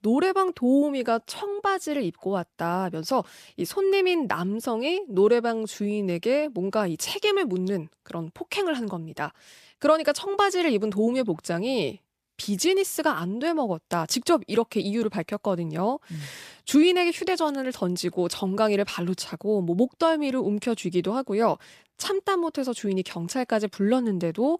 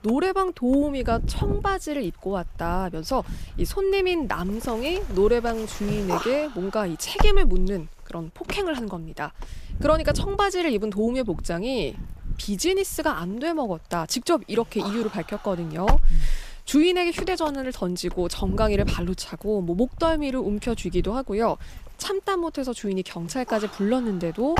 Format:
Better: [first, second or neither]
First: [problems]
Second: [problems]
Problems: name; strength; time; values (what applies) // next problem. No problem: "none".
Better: first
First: none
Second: wind noise on the microphone; heavy; 10 dB below the speech